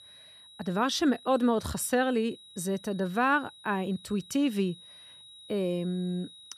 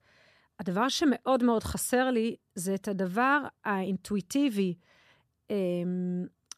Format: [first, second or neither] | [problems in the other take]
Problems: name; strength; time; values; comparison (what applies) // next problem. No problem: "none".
second | high-pitched whine; noticeable; throughout; 4 kHz, 20 dB below the speech